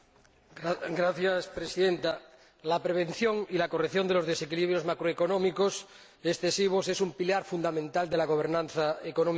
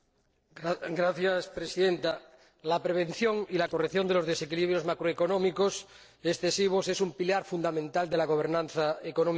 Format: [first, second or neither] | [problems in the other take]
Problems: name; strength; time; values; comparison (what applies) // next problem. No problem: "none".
first | noise reduction (neural separator model SepFormer DNS4)